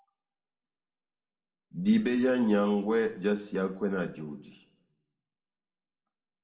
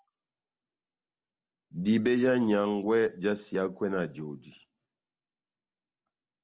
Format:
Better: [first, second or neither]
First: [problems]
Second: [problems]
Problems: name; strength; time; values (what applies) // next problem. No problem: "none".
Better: second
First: room echo; dies away in 0.6 s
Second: none